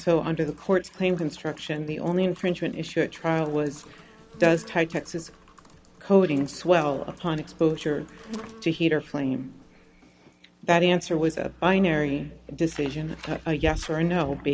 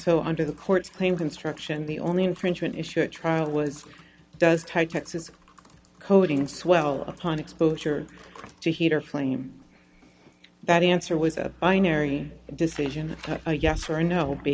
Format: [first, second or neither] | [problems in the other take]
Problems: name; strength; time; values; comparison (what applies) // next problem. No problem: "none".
second | background sound (Insect); 20 dB below the speech